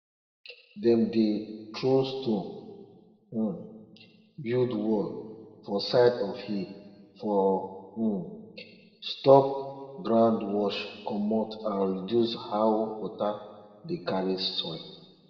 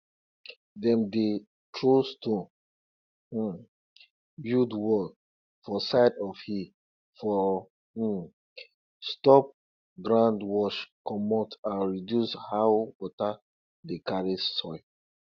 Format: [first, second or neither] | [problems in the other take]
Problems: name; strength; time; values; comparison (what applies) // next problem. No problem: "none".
second | room echo; dies away in 1.4 s